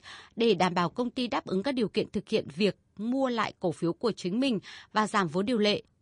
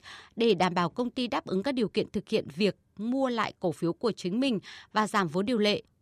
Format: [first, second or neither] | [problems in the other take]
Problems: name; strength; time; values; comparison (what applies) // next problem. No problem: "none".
second | garbled, watery; slightly; nothing above 10 kHz